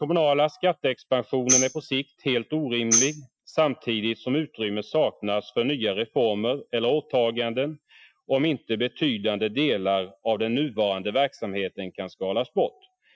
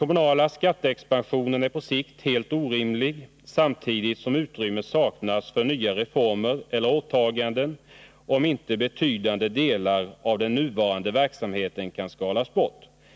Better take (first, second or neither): second